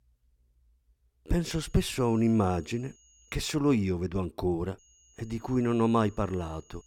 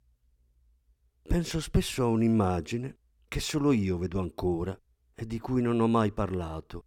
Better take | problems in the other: second | high-pitched whine; faint; from 1.5 to 3.5 s and from 5 s on; 6.5 kHz, 30 dB below the speech

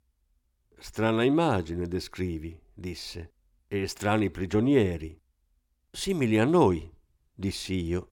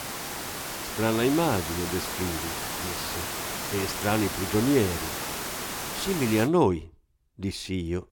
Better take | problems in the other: first | hiss; loud; until 6.5 s; 4 dB below the speech

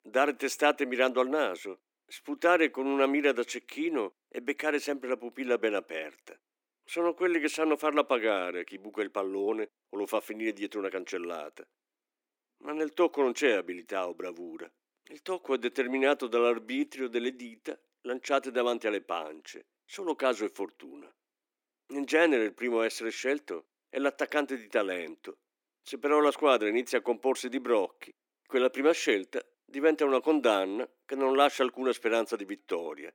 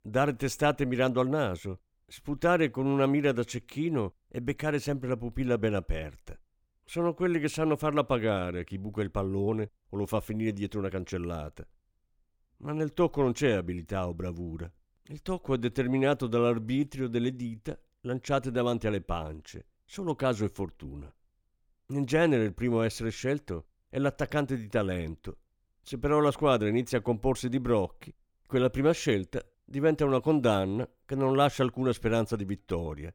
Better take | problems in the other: second | thin; somewhat; fading below 300 Hz

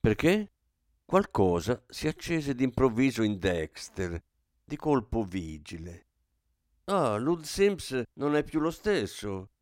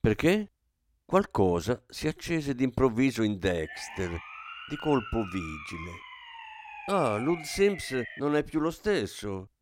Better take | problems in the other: first | siren; faint; from 3.5 to 8 s; peak 10 dB below the speech

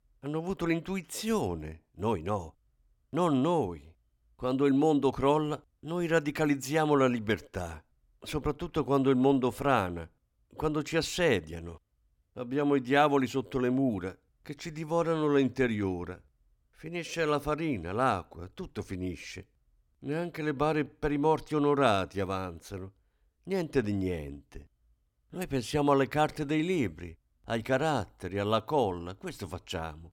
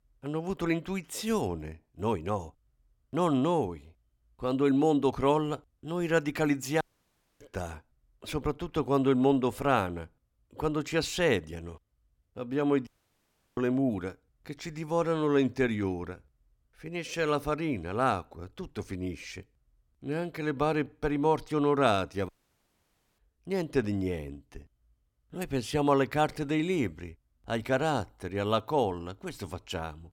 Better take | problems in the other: first | audio cutting out; at 7 s for 0.5 s, at 13 s for 0.5 s and at 22 s for 1 s

